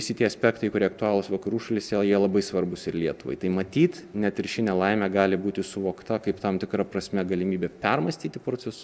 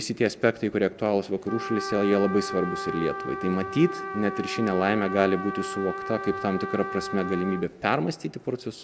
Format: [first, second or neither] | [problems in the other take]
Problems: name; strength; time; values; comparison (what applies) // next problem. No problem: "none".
first | background sound (Trumpet); 9 dB below the speech